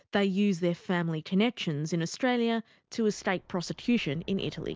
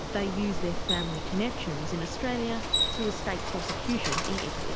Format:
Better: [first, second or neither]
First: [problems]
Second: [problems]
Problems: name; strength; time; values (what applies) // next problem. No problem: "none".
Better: first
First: none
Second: background sound (Bicycle); 1 dB above the speech